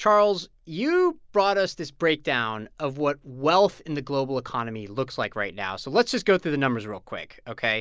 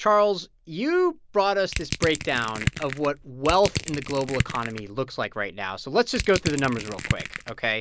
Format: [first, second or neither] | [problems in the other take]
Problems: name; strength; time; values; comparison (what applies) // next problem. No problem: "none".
first | background sound (Crushing); 6 dB below the speech